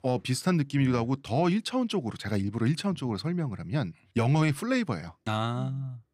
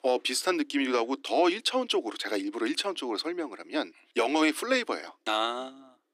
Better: first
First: none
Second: thin; somewhat; fading below 300 Hz

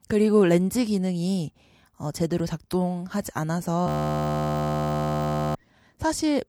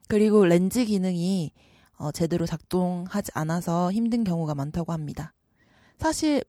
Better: second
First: audio freezing; at 4 s for 1.5 s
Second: none

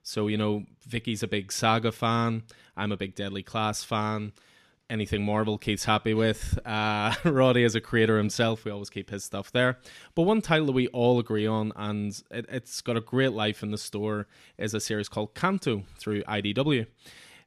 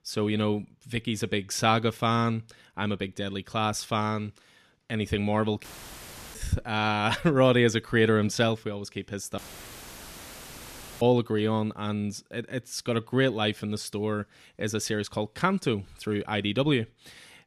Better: first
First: none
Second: audio cutting out; filled with static; at 5.5 s for 0.5 s and at 9.5 s for 1.5 s

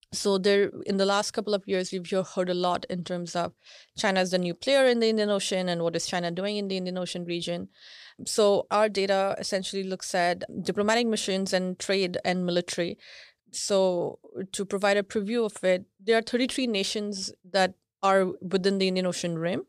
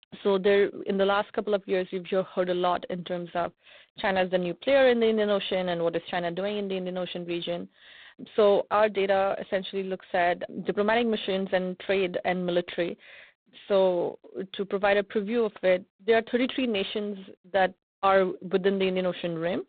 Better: first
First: none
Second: phone-call audio; poor line; nothing above 4 kHz

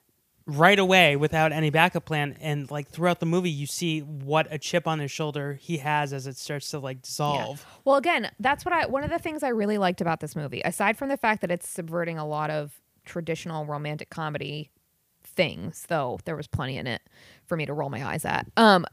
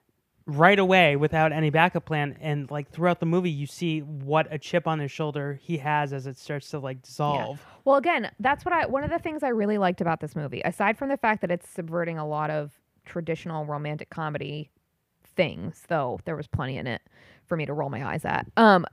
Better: first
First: none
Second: muffled; slightly; fading above 3.5 kHz

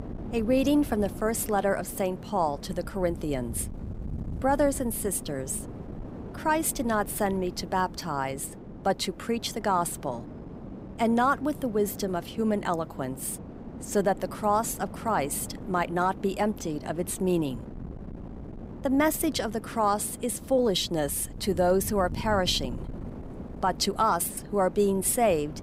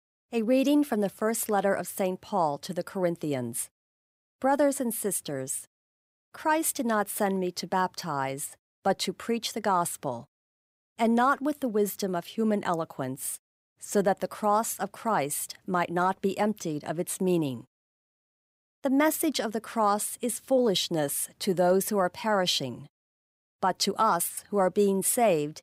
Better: second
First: wind noise on the microphone; occasional gusts; 20 dB below the speech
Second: none

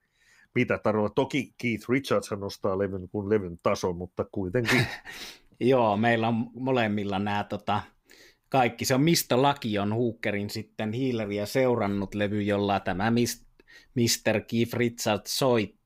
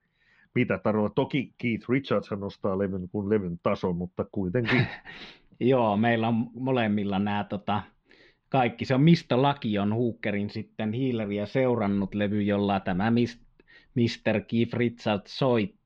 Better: first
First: none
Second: muffled; slightly; fading above 3.5 kHz

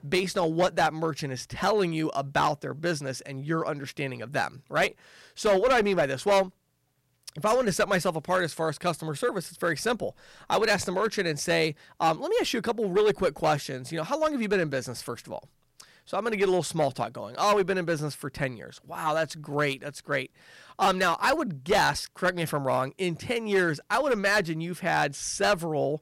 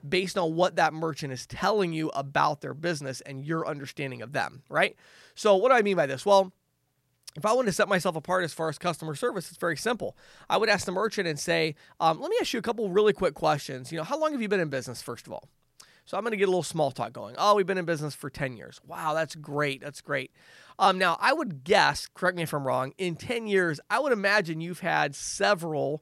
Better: second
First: distortion; slight; 5% of the sound clipped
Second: none

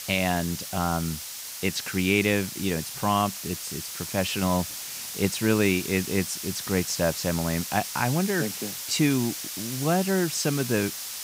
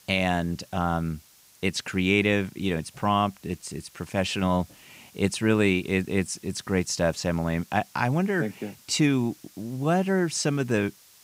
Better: second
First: hiss; loud; throughout; 6 dB below the speech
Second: hiss; faint; throughout; 25 dB below the speech

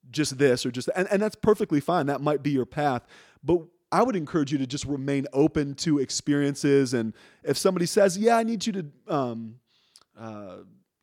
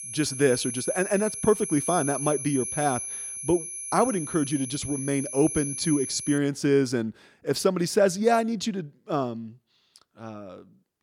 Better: first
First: none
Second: high-pitched whine; loud; until 6.5 s; 10.5 kHz, 6 dB below the speech

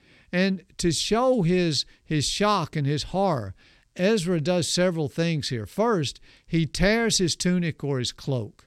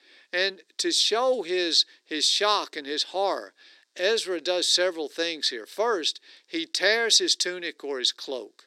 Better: first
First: none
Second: thin; very; fading below 300 Hz

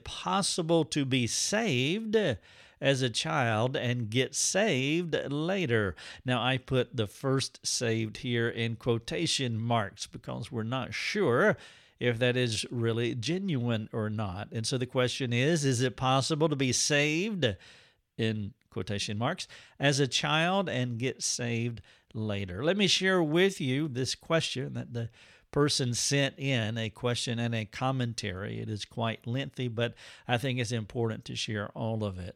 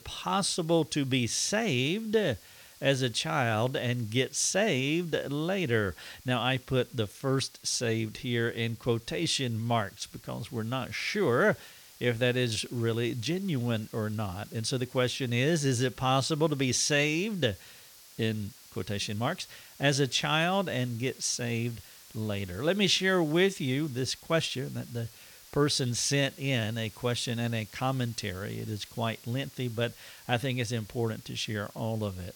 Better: first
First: none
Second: hiss; faint; throughout; 20 dB below the speech

